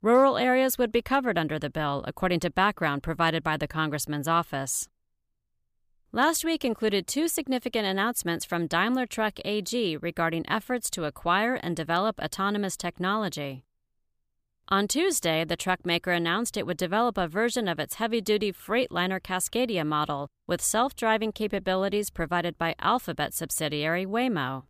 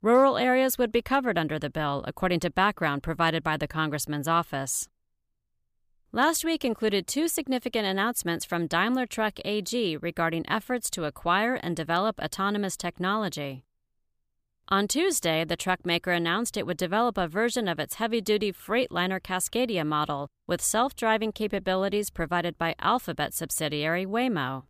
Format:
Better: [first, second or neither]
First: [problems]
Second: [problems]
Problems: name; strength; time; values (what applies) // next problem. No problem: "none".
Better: neither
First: none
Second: none